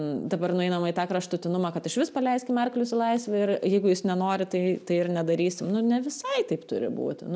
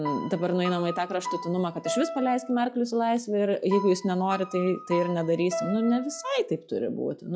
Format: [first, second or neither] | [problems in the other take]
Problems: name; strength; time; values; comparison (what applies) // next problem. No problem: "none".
first | noise reduction (classical method log-MMSE)